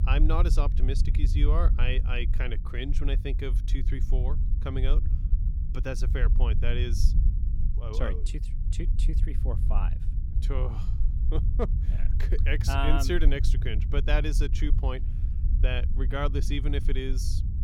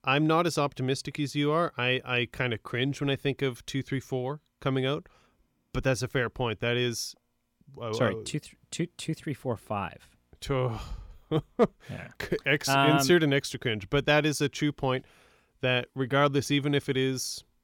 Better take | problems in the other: second | low rumble; noticeable; throughout; 10 dB below the speech

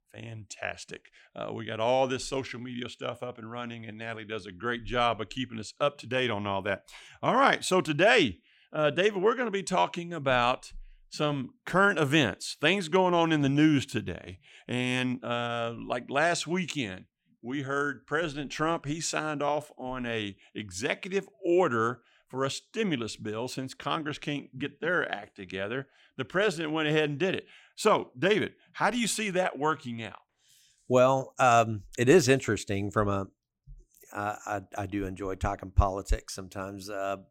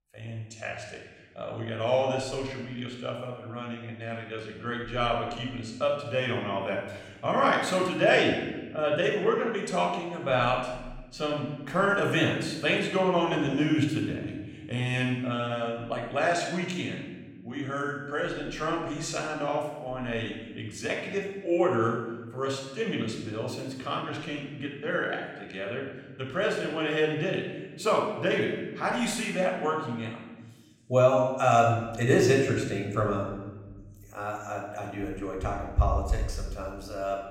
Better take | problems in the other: first | room echo; noticeable; dies away in 1.1 s // off-mic speech; somewhat distant

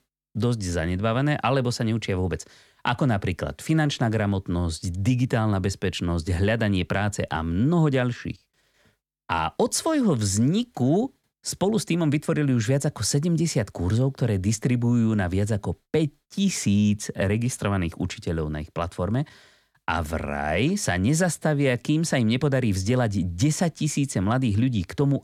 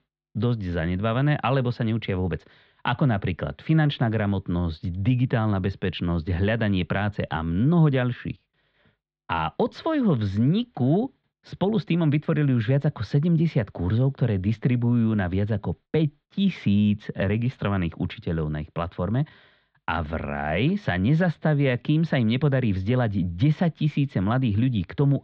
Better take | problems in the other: first | muffled; very; fading above 3.5 kHz

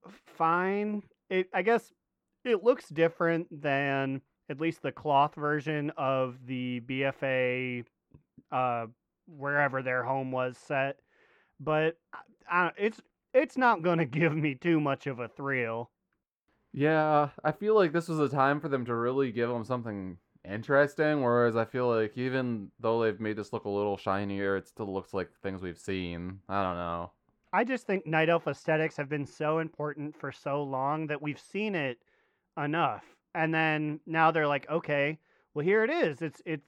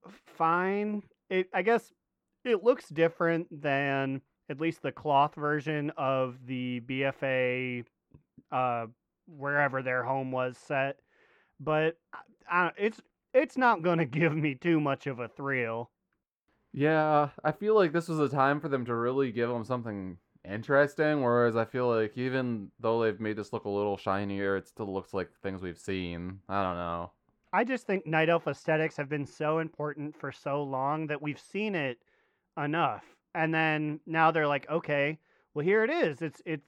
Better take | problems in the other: neither | muffled; slightly; fading above 3 kHz; the same in both

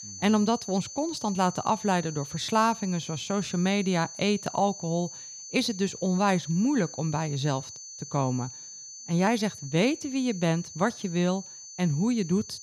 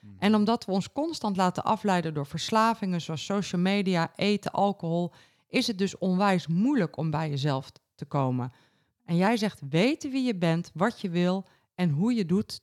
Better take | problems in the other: second | high-pitched whine; noticeable; throughout; 6 kHz, 10 dB below the speech

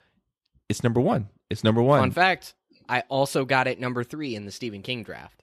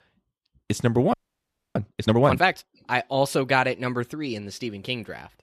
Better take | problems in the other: first | audio freezing; at 1 s for 0.5 s

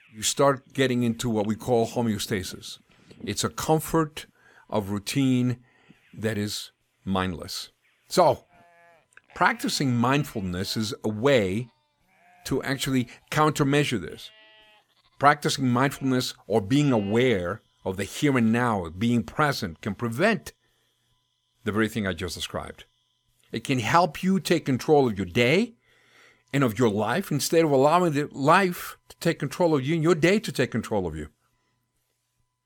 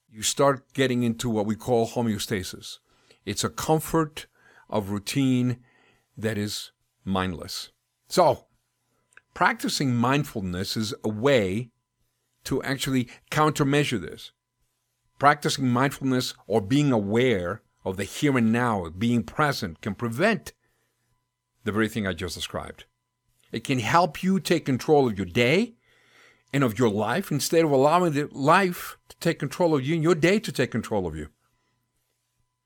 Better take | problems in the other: second | animal sounds; faint; until 23 s; 25 dB below the speech

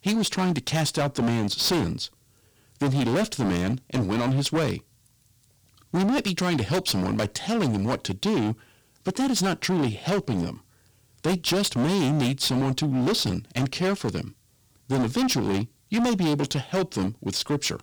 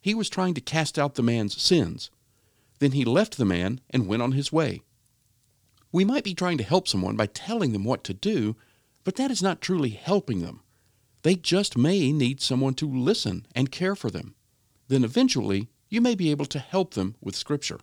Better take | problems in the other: second | distortion; heavy; 21% of the sound clipped

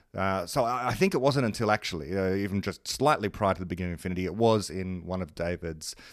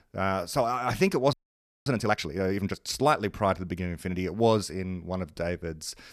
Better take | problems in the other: first | audio freezing; at 1.5 s for 0.5 s

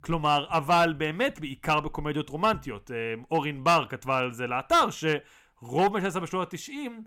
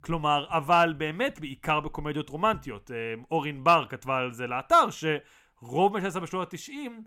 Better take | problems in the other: second | distortion; slight; 3% of the sound clipped

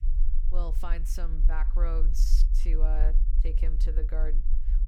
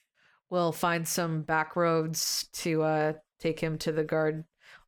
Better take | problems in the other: second | low rumble; noticeable; throughout; 10 dB below the speech

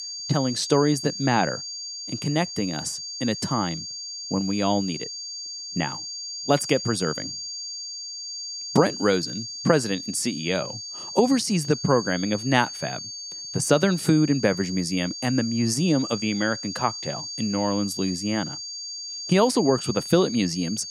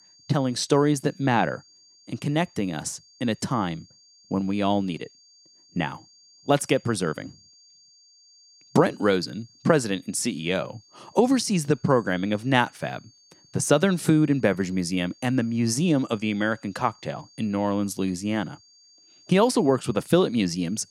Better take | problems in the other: second | high-pitched whine; loud; throughout; 4.5 kHz, 8 dB below the speech; faint in the second

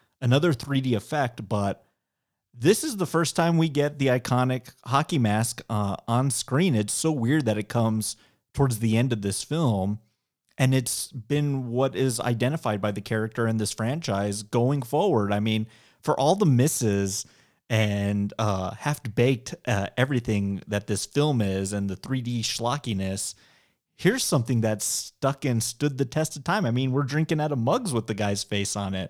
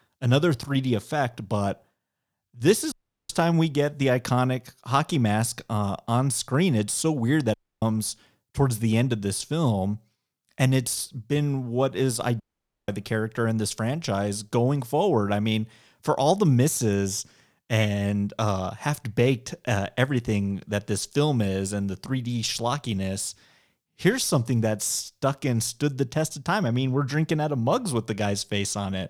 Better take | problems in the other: first | audio cutting out; at 3 s, at 7.5 s and at 12 s

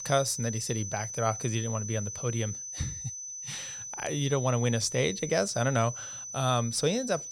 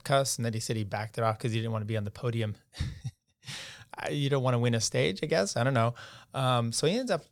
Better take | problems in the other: second | high-pitched whine; loud; throughout; 6 kHz, 7 dB below the speech

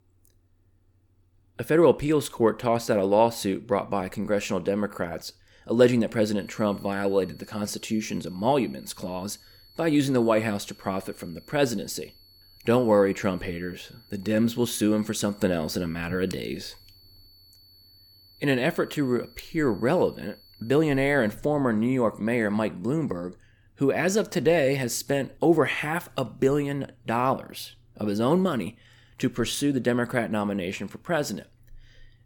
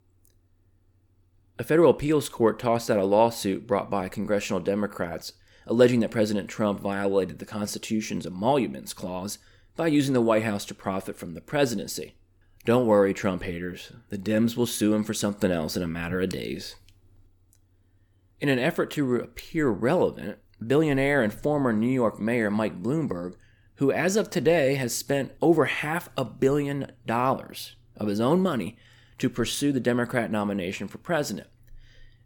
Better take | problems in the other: second | high-pitched whine; faint; from 6.5 to 21 s; 4.5 kHz, 25 dB below the speech

